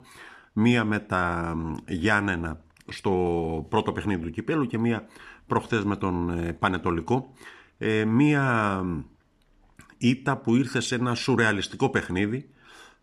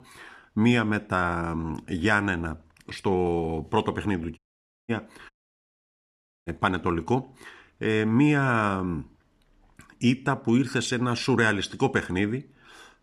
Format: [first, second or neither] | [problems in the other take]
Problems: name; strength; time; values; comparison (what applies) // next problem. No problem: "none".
first | audio cutting out; at 4.5 s for 0.5 s and at 5.5 s for 1 s